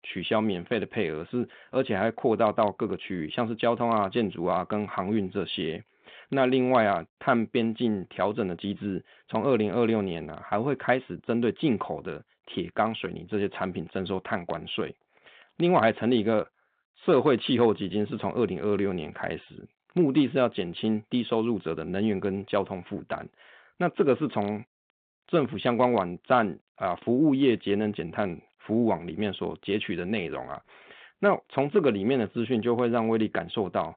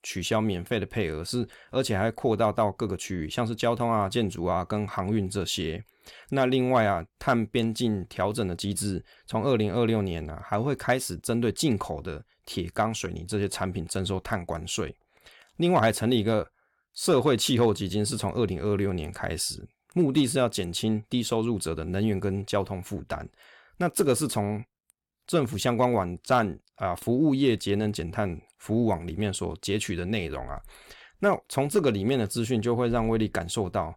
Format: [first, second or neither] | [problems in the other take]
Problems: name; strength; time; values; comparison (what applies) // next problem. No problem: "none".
second | phone-call audio; nothing above 3.5 kHz